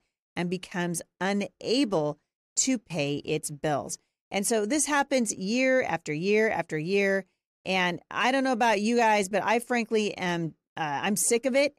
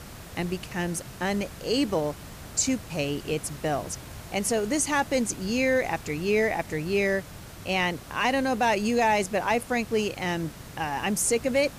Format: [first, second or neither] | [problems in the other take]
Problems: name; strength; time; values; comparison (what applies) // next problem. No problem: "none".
first | hiss; noticeable; throughout; 15 dB below the speech